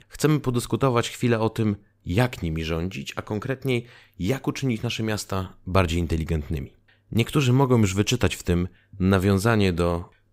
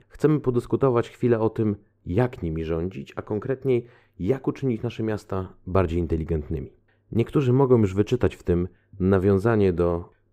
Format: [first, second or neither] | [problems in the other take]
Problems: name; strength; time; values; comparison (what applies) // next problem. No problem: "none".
first | muffled; slightly; fading above 2.5 kHz